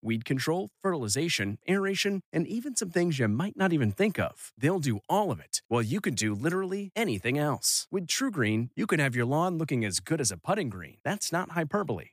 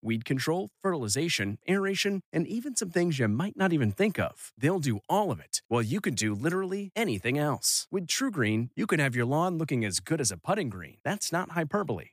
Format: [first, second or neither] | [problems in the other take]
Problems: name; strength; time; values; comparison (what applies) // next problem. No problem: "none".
neither | none